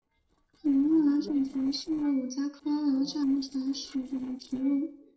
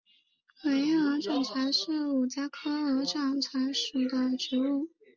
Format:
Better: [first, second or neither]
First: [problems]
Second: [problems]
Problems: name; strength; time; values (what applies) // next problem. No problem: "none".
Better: second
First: noise reduction (neural separator model SepFormer DNS4)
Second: none